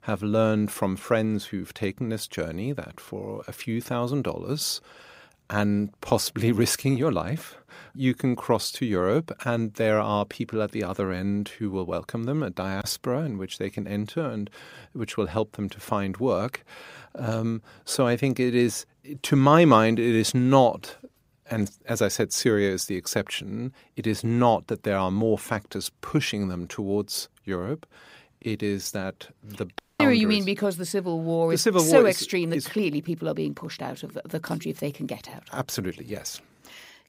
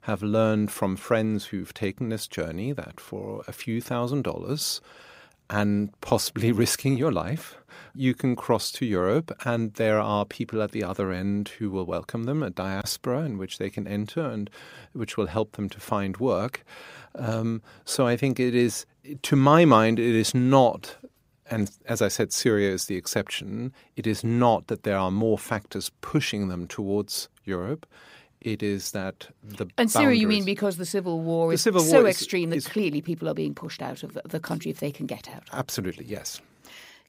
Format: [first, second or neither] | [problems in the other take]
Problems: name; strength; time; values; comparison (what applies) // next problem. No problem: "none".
second | audio cutting out; at 30 s